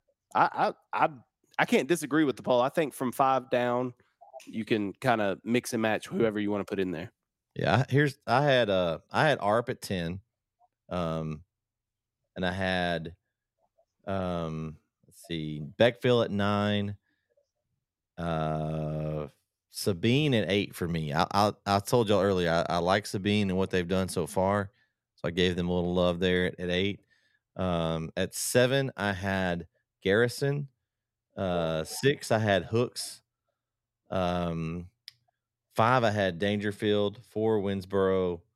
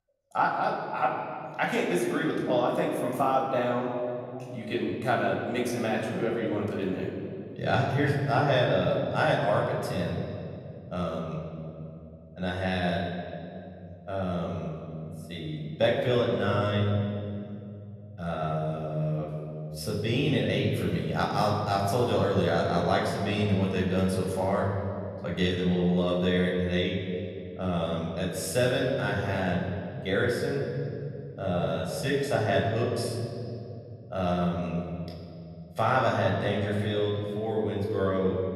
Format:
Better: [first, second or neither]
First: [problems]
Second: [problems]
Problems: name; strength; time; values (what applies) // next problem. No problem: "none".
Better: first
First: none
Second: off-mic speech; far // room echo; noticeable; dies away in 3 s